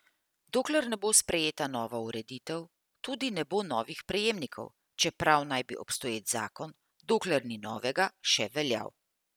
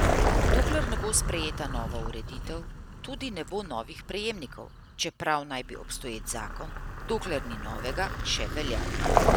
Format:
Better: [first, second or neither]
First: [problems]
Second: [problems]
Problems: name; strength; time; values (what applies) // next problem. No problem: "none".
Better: first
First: none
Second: background sound (Vehicle); 5 dB above the speech